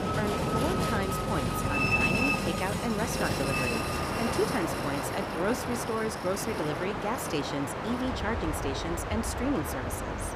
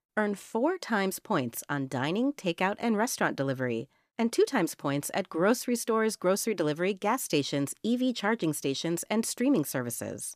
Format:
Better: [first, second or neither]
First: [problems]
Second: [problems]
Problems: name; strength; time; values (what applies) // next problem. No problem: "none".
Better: second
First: train or aircraft noise; very loud; throughout; 3 dB above the speech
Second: none